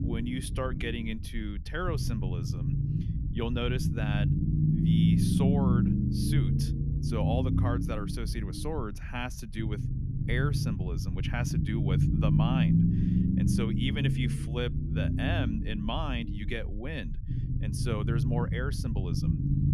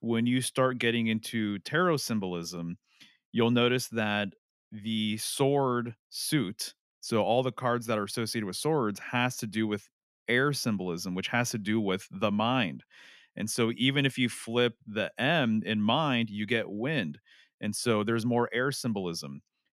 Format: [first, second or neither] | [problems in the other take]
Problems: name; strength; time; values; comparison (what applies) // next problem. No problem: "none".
second | low rumble; loud; throughout; 1 dB below the speech